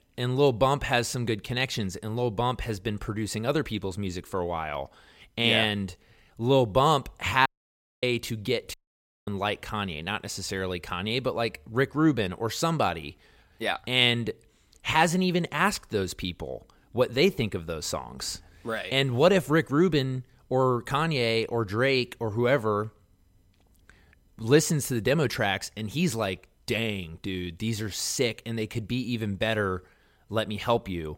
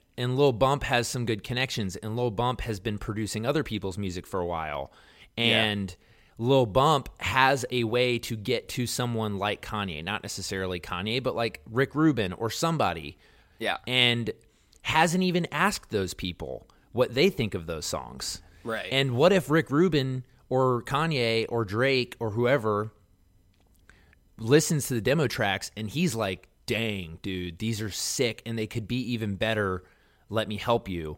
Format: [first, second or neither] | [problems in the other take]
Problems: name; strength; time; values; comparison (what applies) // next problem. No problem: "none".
second | audio cutting out; at 7.5 s for 0.5 s and at 8.5 s for 0.5 s